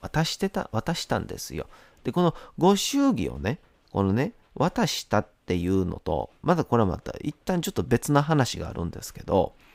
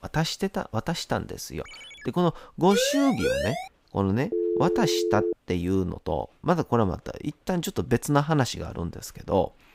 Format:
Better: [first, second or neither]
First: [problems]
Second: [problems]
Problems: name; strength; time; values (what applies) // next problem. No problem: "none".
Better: first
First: none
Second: phone ringing; faint; at 1.5 s; peak 15 dB below the speech // siren; loud; at 2.5 s; peak level with the speech // phone ringing; loud; from 4.5 to 5.5 s; peak 1 dB above the speech